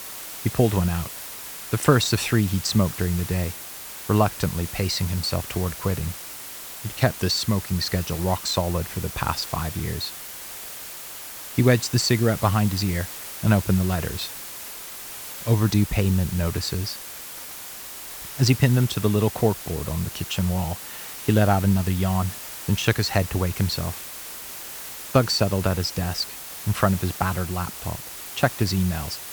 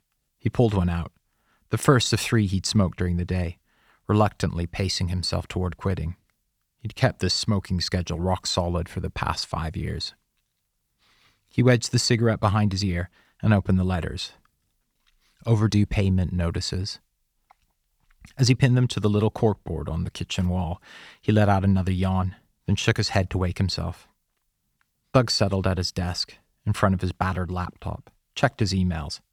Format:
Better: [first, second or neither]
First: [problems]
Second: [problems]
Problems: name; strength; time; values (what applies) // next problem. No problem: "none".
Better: second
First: hiss; loud; throughout; 10 dB below the speech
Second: none